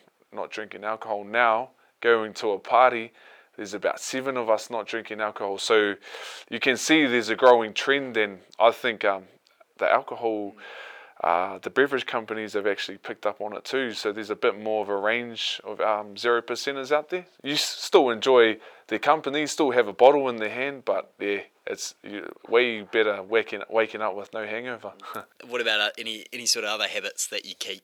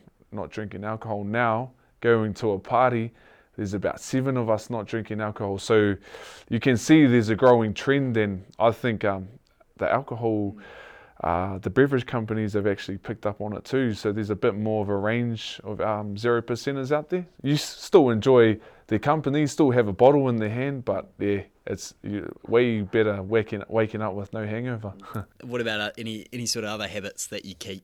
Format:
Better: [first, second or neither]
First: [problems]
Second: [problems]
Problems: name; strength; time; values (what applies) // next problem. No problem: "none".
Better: second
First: thin; somewhat; fading below 500 Hz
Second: none